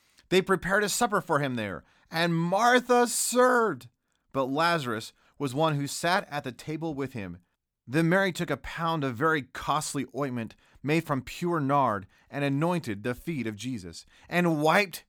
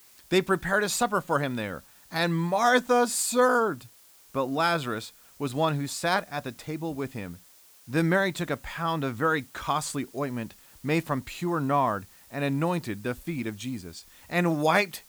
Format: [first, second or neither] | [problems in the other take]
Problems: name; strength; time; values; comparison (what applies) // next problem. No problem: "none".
first | hiss; faint; throughout; 25 dB below the speech